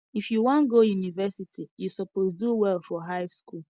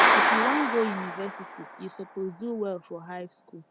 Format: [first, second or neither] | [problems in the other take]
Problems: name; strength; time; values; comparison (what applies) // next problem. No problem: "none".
first | background sound (Clapping); 5 dB above the speech